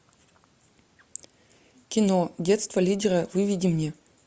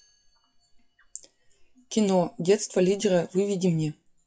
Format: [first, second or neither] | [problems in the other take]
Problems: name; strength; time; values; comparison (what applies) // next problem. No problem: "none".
first | noise reduction (classical method WPE with log-MMSE)